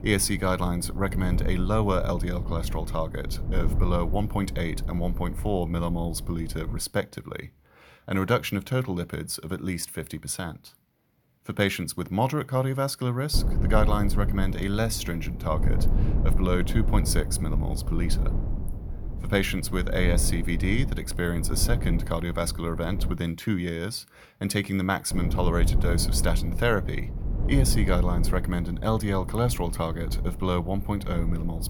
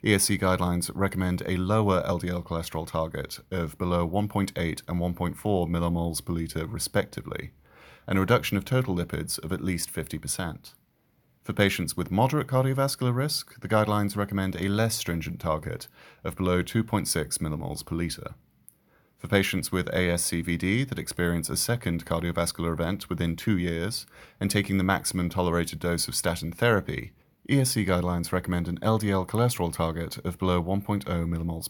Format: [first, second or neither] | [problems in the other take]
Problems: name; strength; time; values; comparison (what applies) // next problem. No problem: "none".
second | low rumble; noticeable; until 7 s, from 13 to 23 s and from 25 s on; 10 dB below the speech